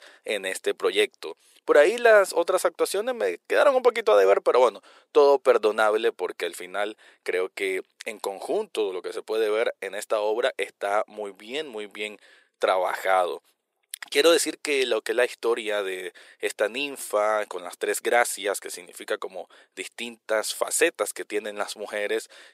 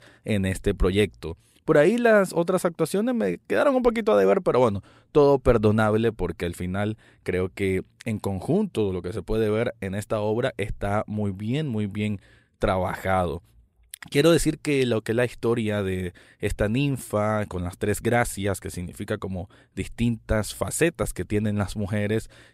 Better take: second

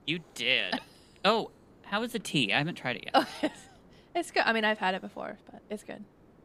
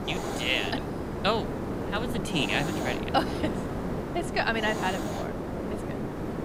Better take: first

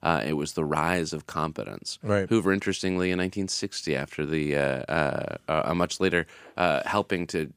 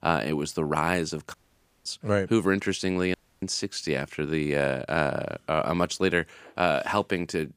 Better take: first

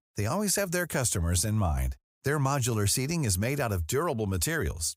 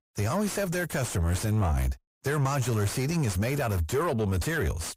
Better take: first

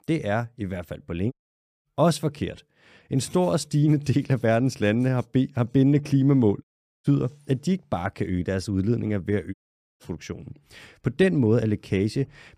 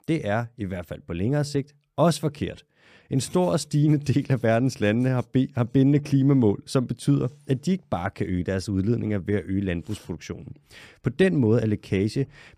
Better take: second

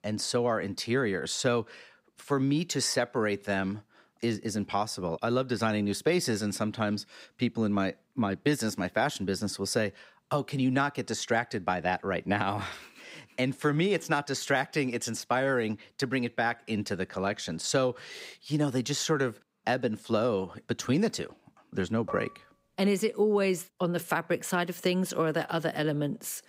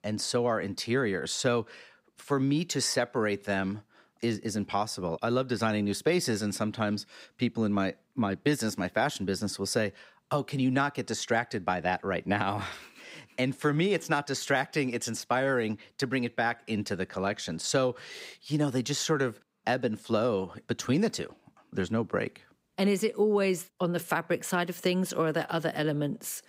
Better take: second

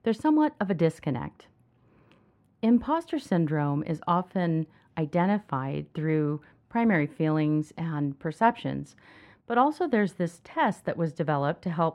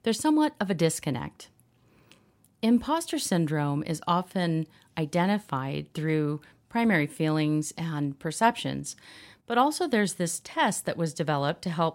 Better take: second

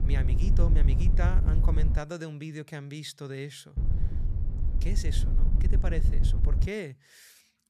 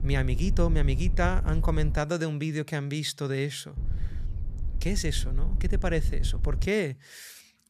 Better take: second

